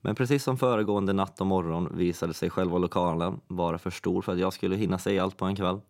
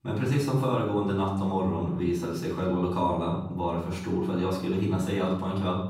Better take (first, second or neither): first